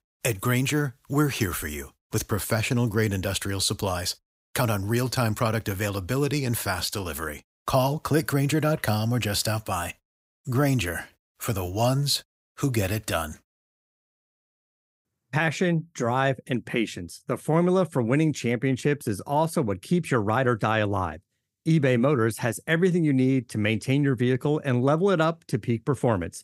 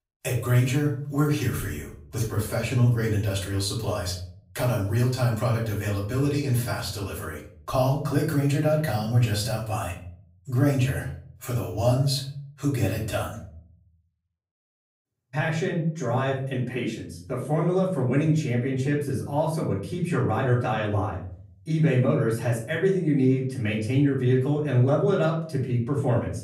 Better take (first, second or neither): first